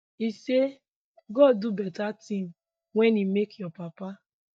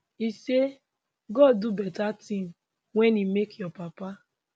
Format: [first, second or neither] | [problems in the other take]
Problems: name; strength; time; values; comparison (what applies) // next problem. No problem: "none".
second | noise reduction (neural mask model DeepFilterNet 3)